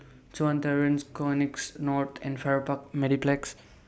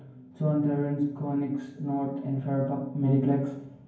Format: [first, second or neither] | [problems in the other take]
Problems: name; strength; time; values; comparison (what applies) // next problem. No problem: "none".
first | room echo; dies away in 0.9 s